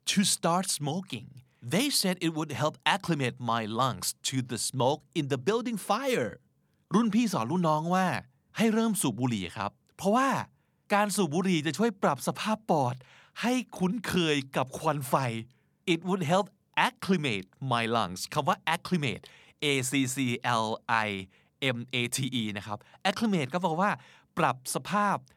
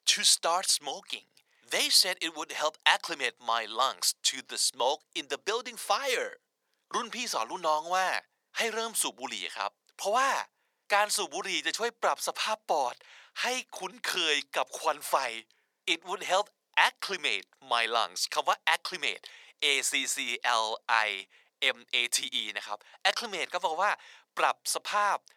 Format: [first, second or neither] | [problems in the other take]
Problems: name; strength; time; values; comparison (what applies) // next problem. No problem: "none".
first | thin; very; fading below 500 Hz